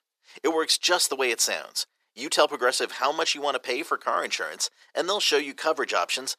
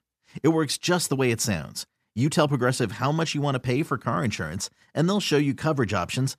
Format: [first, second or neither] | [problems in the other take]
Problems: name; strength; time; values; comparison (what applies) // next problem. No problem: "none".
second | thin; very; fading below 450 Hz